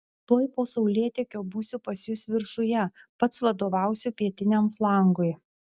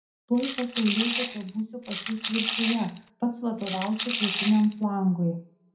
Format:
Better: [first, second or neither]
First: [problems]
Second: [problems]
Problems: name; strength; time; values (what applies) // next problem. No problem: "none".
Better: first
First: none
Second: background sound (Rattle / Rattle (instrument)); 5 dB below the speech // room echo; dies away in 0.4 s